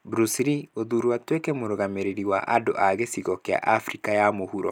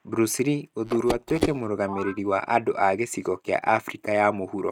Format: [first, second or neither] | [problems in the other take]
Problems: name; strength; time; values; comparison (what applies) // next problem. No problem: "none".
first | noise reduction (neural mask model RNNoise)